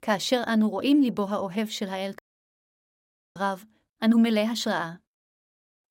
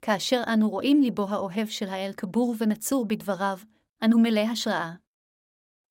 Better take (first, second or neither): second